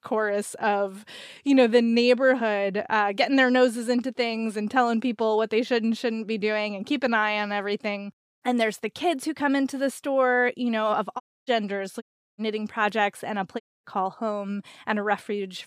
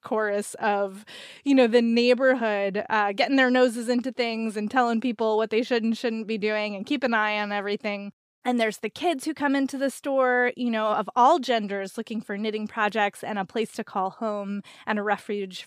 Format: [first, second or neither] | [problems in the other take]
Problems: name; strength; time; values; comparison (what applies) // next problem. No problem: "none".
second | audio cutting out; at 11 s, at 12 s and at 14 s